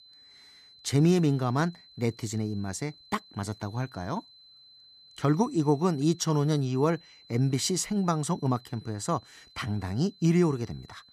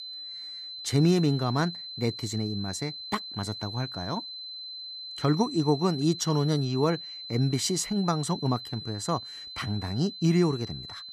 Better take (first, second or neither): first